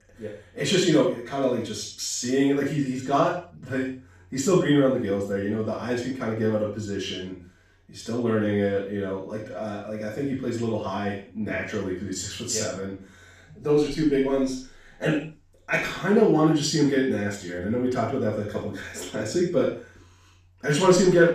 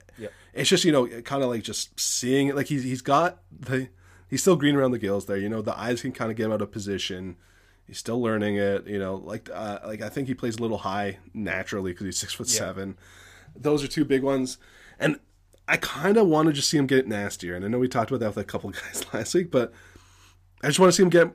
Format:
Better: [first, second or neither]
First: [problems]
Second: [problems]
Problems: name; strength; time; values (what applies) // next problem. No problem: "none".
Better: second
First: room echo; noticeable; dies away in 0.4 s // off-mic speech; far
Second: none